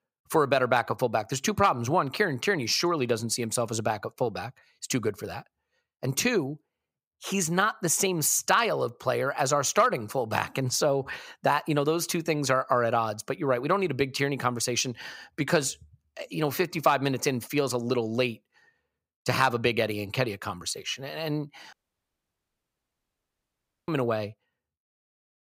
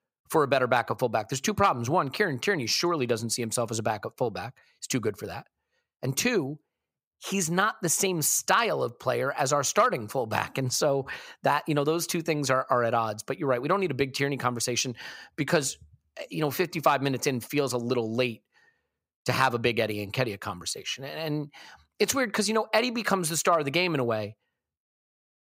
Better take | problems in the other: second | audio cutting out; at 22 s for 2 s

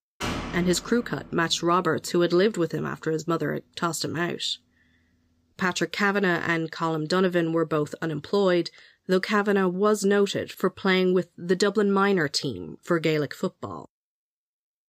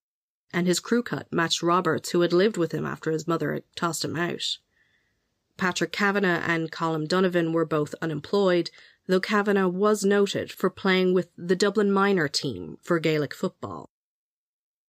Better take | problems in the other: second | door banging; noticeable; until 1.5 s; peak 6 dB below the speech

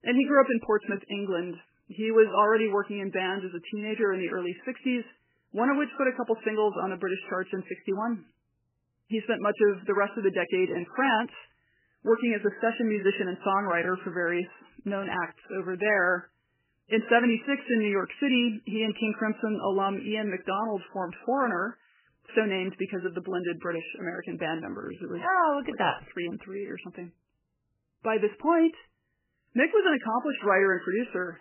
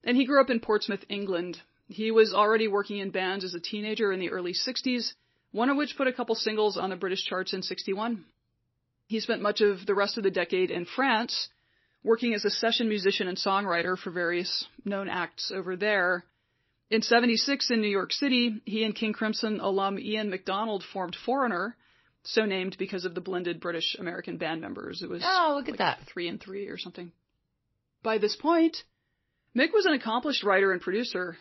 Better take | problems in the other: second | garbled, watery; badly; nothing above 3 kHz; slightly in the second

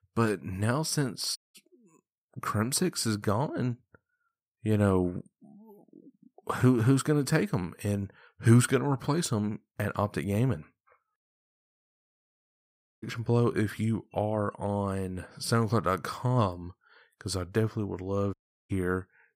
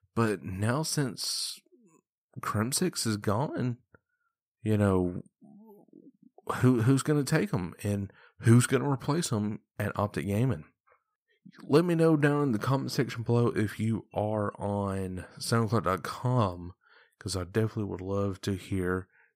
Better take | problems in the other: second | audio cutting out; at 1.5 s, at 11 s for 2 s and at 18 s

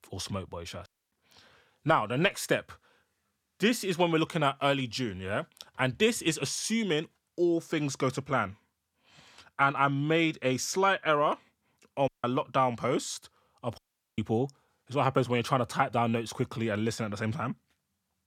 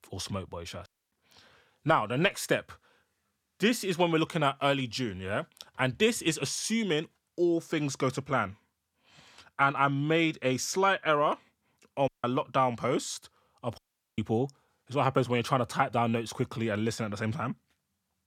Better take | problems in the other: neither | audio cutting out; at 1 s, at 12 s and at 14 s; the same in both

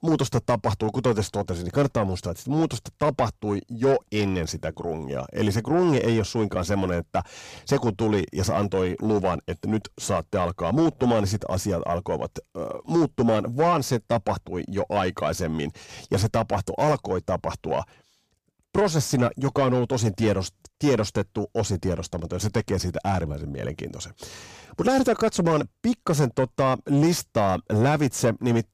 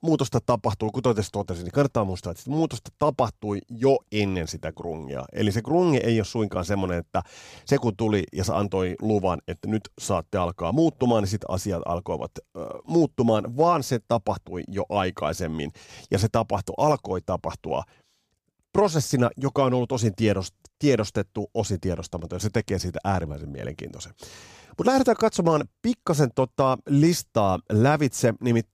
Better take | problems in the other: second | distortion; slight; 10 dB below the speech

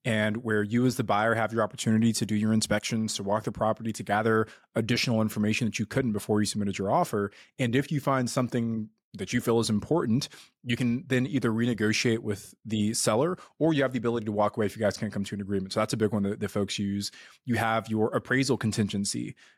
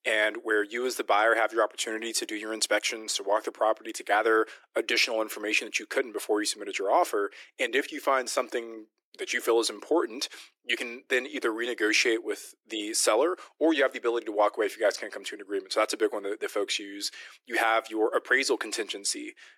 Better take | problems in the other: first | thin; very; fading below 300 Hz

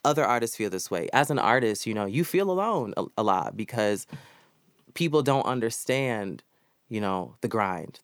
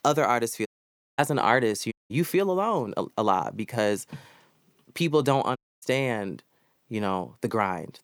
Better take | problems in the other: first | audio cutting out; at 0.5 s for 0.5 s, at 2 s and at 5.5 s

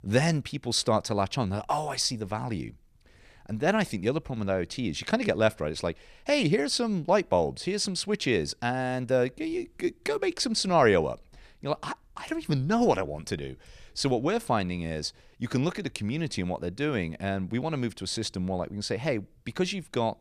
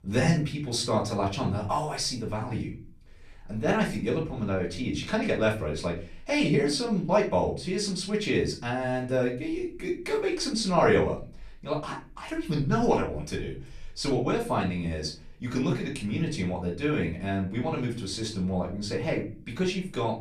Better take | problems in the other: first | off-mic speech; far // room echo; slight; dies away in 0.3 s

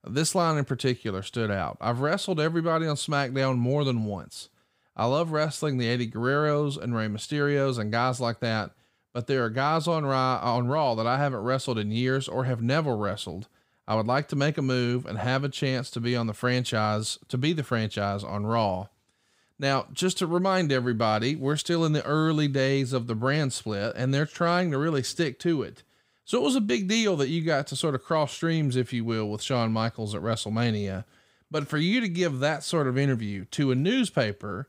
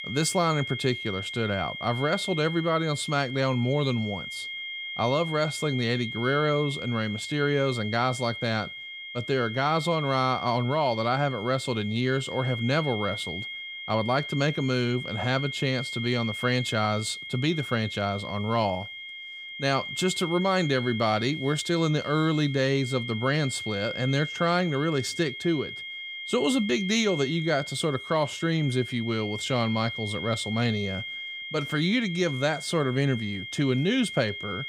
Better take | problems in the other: first | high-pitched whine; loud; throughout; 2 kHz, 8 dB below the speech

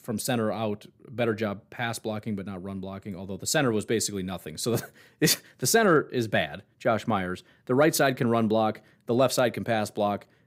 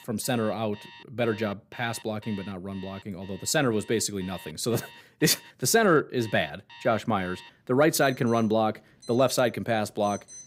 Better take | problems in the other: first | alarms or sirens; faint; throughout; 20 dB below the speech

